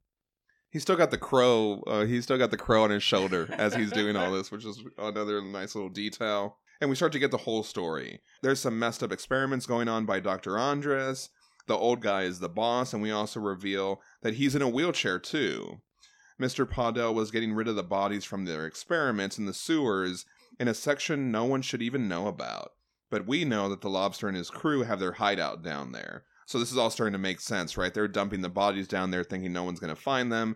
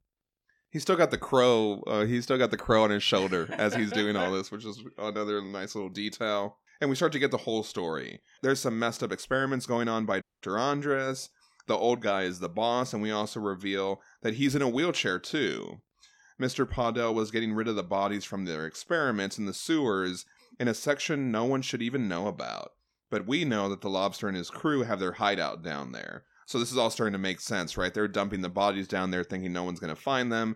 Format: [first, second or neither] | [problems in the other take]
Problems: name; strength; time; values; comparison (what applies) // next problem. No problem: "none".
first | audio cutting out; at 10 s